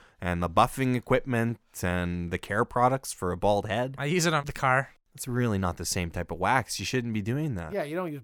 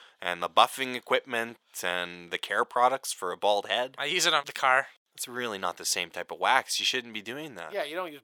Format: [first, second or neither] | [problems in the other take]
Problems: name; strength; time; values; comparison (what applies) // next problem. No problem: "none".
first | thin; very; fading below 500 Hz